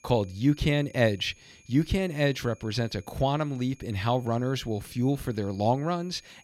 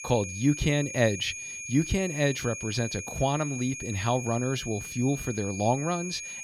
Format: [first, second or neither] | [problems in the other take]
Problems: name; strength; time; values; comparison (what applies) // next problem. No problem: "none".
first | high-pitched whine; loud; throughout; 2.5 kHz, 8 dB below the speech; faint in the first